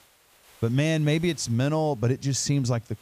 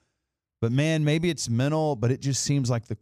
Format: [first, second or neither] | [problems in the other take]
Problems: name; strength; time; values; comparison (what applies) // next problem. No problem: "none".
second | hiss; faint; throughout; 30 dB below the speech